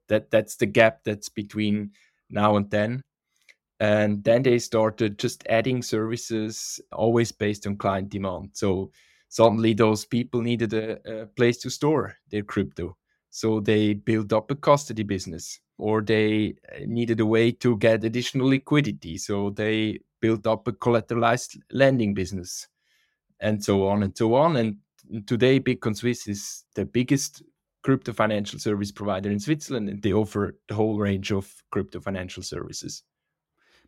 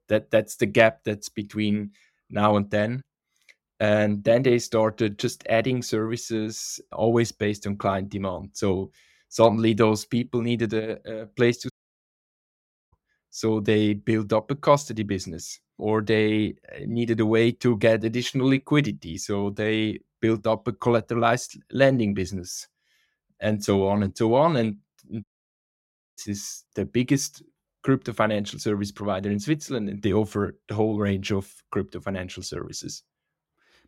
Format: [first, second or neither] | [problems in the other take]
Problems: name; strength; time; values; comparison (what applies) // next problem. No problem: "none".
first | audio cutting out; at 12 s for 1 s and at 25 s for 1 s